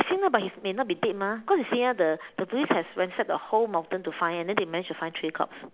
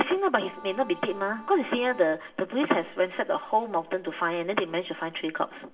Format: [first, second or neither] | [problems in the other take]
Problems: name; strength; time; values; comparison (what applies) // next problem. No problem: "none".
first | background sound (Bowed string instrument); 18 dB below the speech // room echo; dies away in 0.4 s